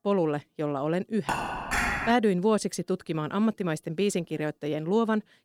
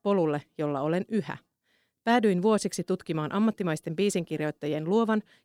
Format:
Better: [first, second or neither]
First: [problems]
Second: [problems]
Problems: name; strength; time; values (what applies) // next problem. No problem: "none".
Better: second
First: clattering dishes; loud; at 1.5 s; peak 1 dB above the speech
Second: none